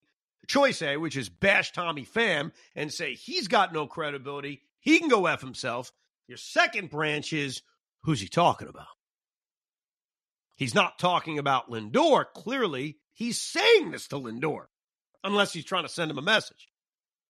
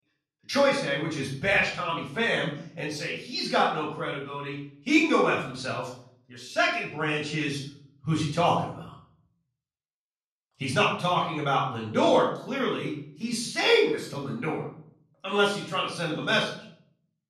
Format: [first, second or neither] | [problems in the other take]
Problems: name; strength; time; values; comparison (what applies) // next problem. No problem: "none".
first | off-mic speech; far // room echo; noticeable; dies away in 0.5 s